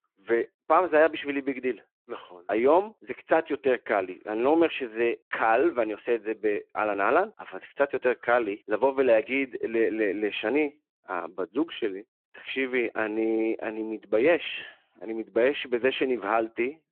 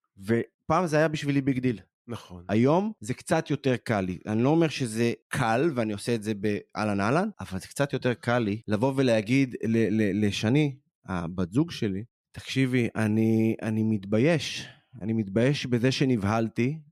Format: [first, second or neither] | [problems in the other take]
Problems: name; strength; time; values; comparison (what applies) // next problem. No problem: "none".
second | phone-call audio